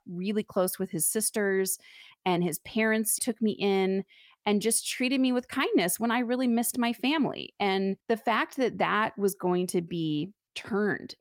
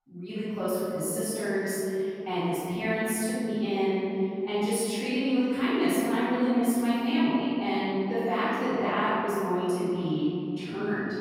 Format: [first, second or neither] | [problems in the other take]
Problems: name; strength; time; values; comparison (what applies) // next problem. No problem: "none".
first | room echo; strong; dies away in 2.9 s // off-mic speech; far